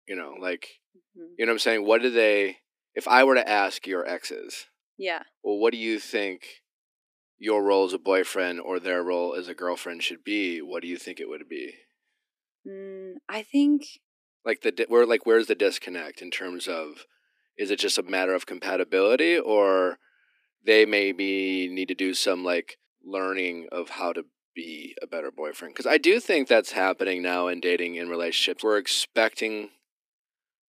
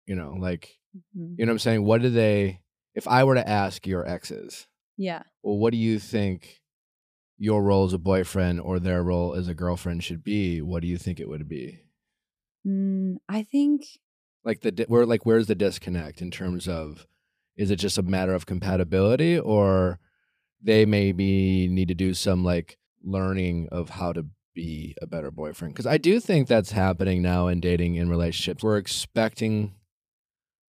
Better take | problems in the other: second | thin; somewhat; fading below 250 Hz

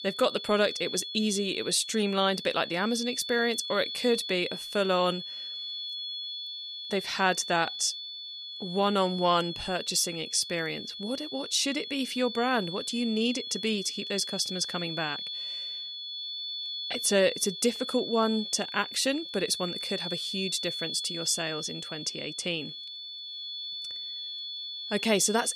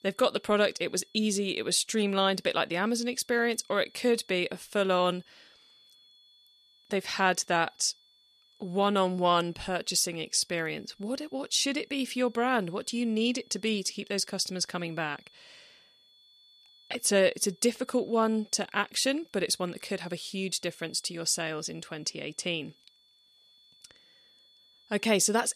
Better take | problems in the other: second | high-pitched whine; loud; throughout; 3.5 kHz, 7 dB below the speech; faint in the second

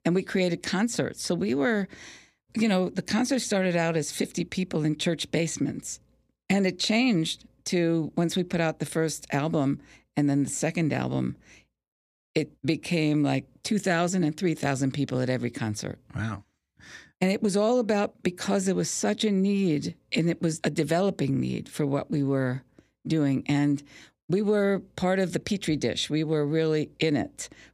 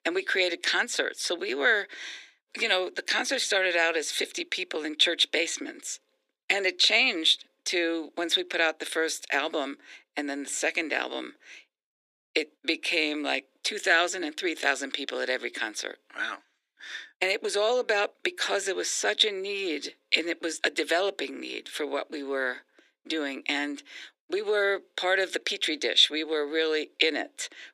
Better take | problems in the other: first | thin; very; fading below 350 Hz

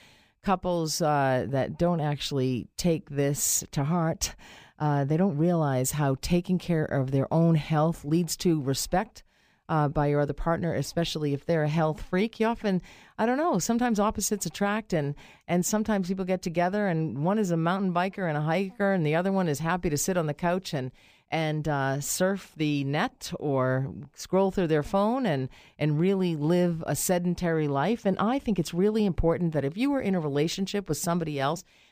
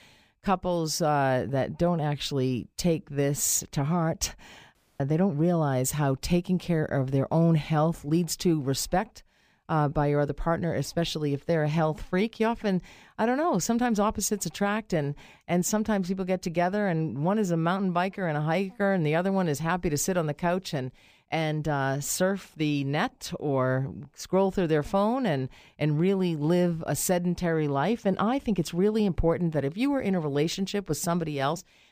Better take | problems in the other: first | audio cutting out; at 5 s

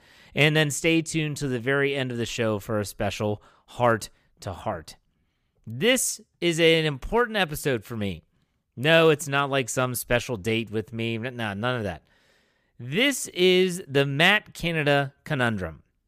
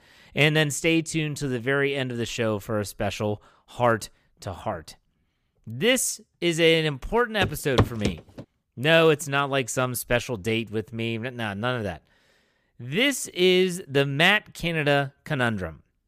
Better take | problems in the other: first | footsteps; noticeable; at 7.5 s; peak level with the speech

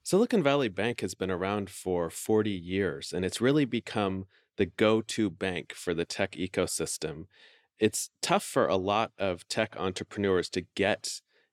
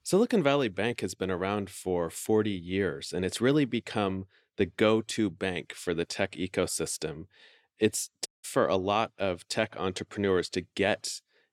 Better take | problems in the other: first | audio cutting out; at 8.5 s

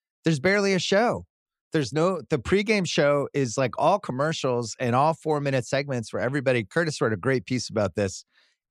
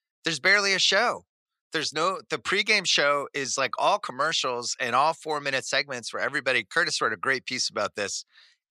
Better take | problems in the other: first | thin; somewhat; fading below 1 kHz

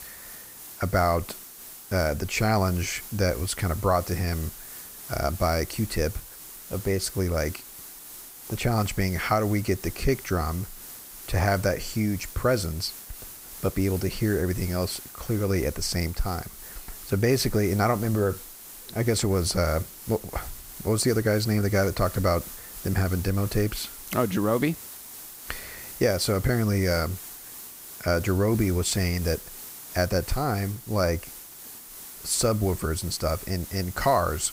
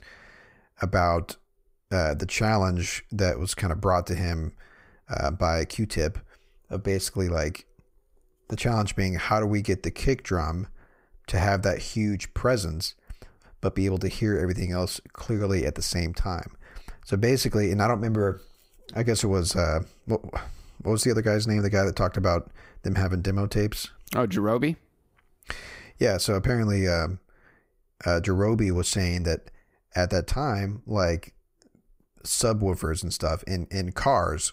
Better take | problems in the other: second | hiss; noticeable; throughout; 15 dB below the speech

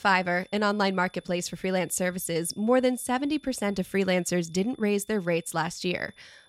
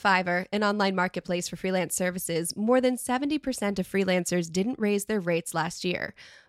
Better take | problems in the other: second | high-pitched whine; faint; throughout; 3.5 kHz, 30 dB below the speech

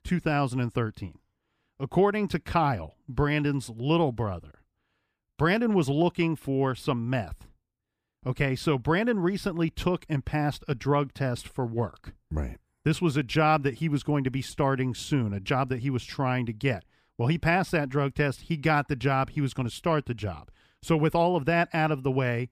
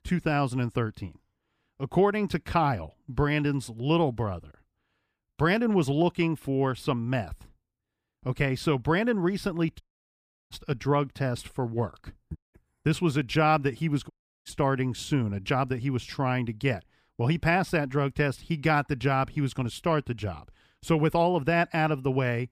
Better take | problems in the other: first | audio cutting out; at 10 s for 0.5 s, at 12 s and at 14 s

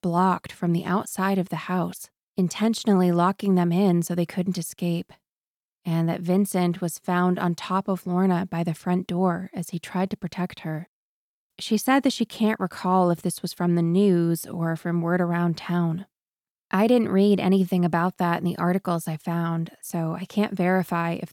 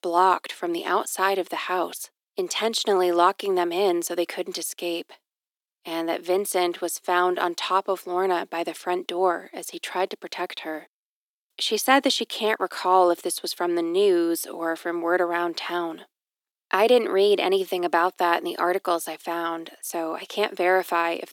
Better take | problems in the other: first | thin; very; fading below 300 Hz

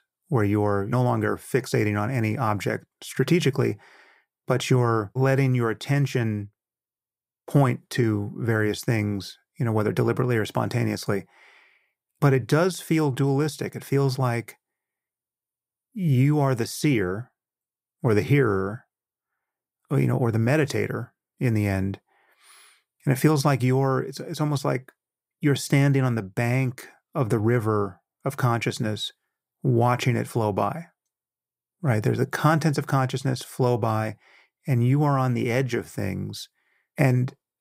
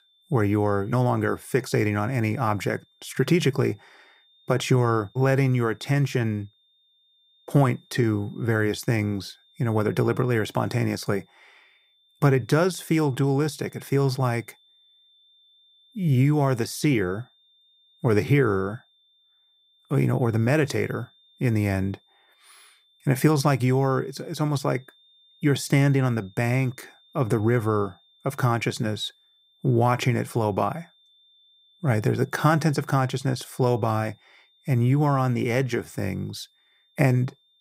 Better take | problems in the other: first | high-pitched whine; faint; throughout; 3.5 kHz, 35 dB below the speech

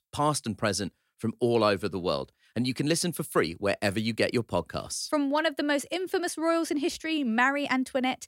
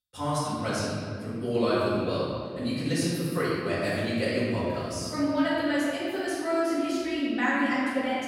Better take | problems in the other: first | off-mic speech; far // room echo; strong; dies away in 2.2 s

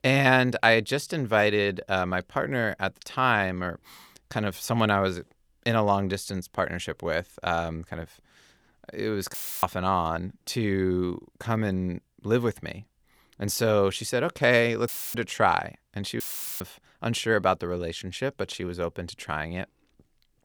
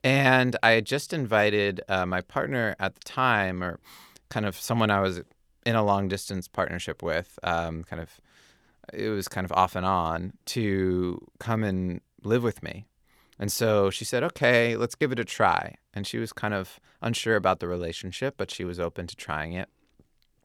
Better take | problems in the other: second | audio cutting out; filled with static; at 9.5 s, at 15 s and at 16 s

